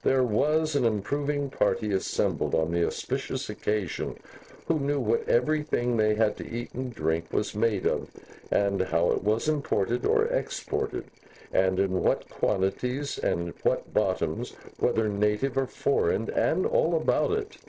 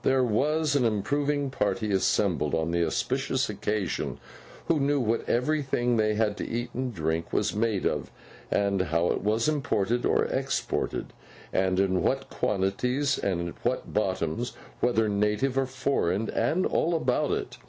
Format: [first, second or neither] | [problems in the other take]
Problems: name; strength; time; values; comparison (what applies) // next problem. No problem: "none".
second | noise reduction (neural separator model SepFormer DNS4)